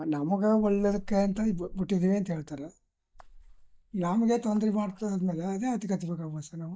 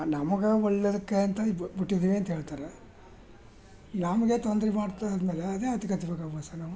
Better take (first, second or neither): second